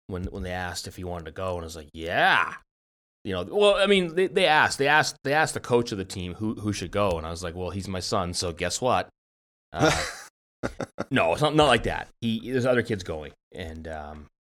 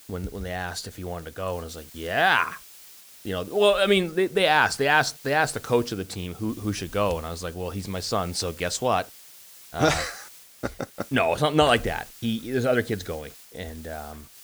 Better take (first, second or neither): first